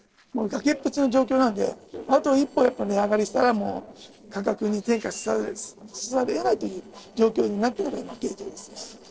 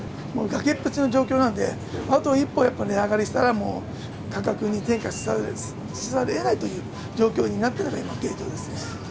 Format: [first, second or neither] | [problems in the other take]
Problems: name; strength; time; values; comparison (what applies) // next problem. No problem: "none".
second | noise reduction (neural separator model SepFormer DNS4)